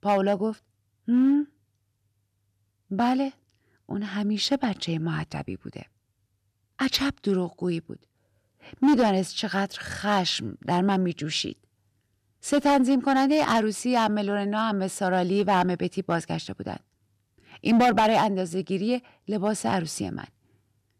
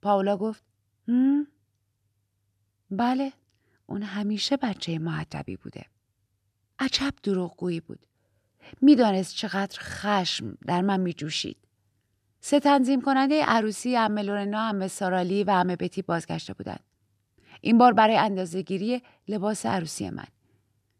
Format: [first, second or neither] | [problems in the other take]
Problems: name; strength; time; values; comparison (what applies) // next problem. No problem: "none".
second | distortion; slight; 3% of the sound clipped